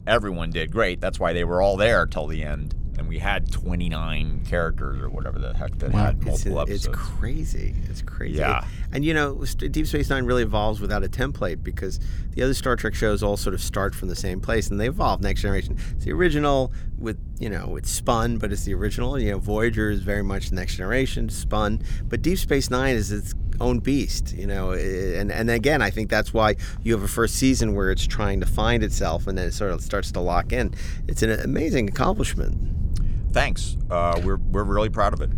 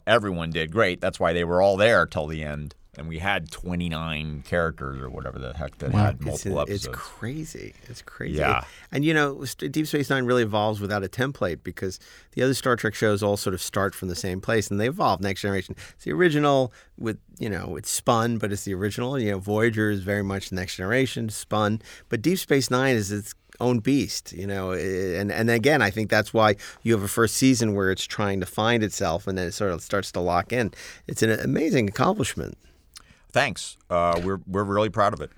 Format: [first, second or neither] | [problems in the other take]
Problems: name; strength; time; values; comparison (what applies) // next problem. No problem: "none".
second | low rumble; faint; throughout; 20 dB below the speech